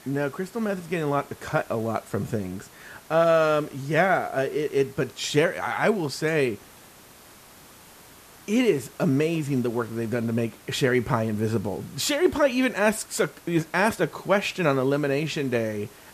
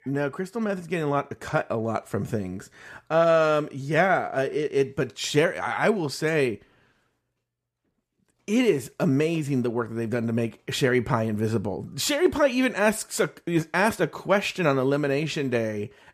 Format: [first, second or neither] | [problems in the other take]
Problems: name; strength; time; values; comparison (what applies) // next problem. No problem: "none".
second | hiss; faint; throughout; 25 dB below the speech